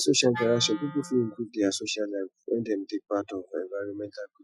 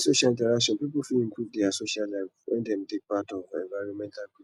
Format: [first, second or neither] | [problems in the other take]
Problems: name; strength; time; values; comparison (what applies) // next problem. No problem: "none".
second | noise reduction (classical method Wiener filter)